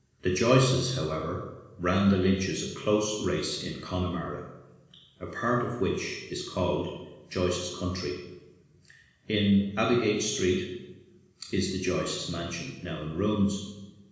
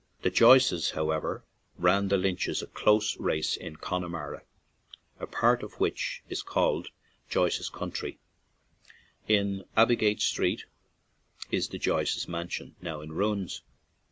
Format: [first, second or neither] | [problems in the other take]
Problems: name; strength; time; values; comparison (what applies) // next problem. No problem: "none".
second | room echo; dies away in 1.1 s